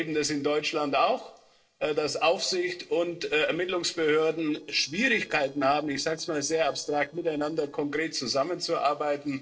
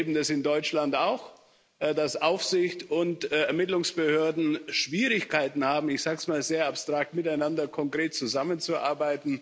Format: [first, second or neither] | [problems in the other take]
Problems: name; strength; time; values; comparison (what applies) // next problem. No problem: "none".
second | noise reduction (neural separator model SepFormer DNS4)